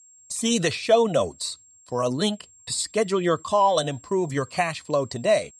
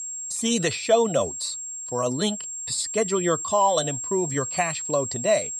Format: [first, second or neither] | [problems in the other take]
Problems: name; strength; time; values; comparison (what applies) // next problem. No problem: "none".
first | high-pitched whine; loud; throughout; 7.5 kHz, 5 dB below the speech; faint in the first